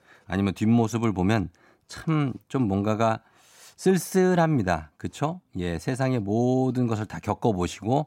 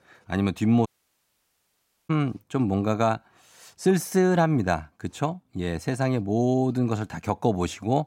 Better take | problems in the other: first | audio cutting out; at 1 s for 1 s

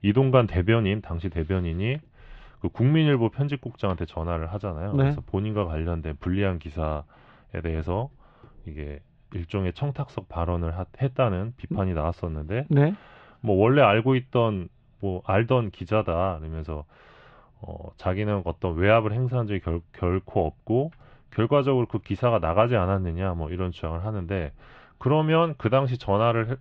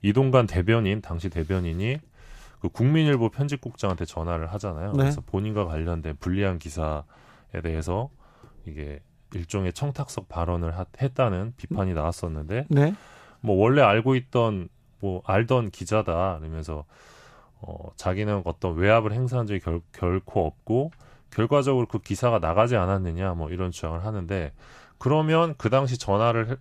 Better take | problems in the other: second | muffled; very; fading above 3.5 kHz

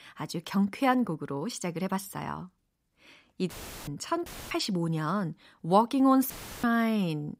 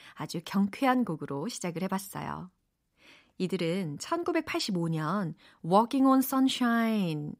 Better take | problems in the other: second | audio cutting out; filled with static; at 3.5 s, at 4.5 s and at 6.5 s

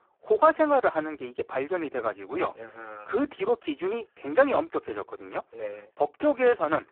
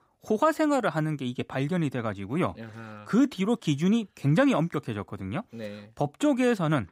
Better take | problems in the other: second | phone-call audio; poor line

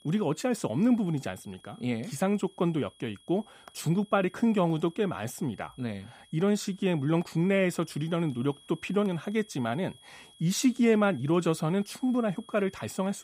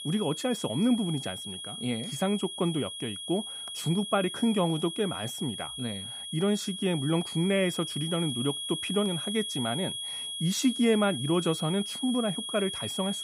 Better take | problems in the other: first | high-pitched whine; loud; throughout; 3.5 kHz, 5 dB below the speech; faint in the first

